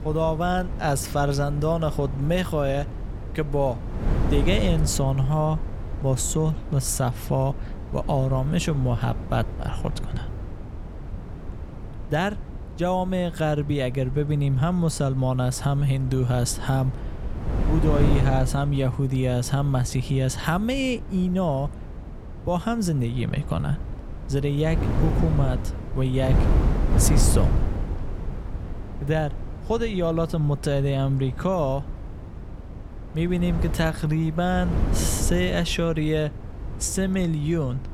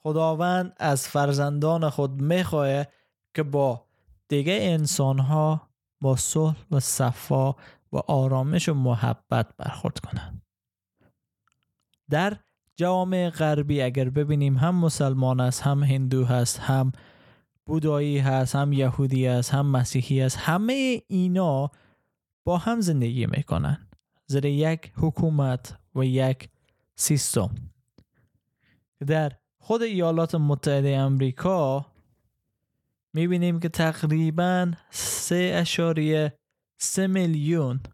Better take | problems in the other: second | wind noise on the microphone; occasional gusts; 10 dB below the speech

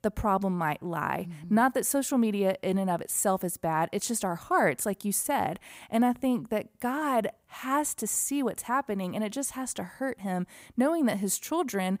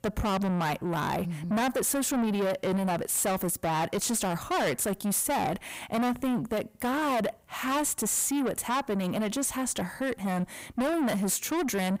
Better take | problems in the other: first | distortion; heavy; 6 dB below the speech

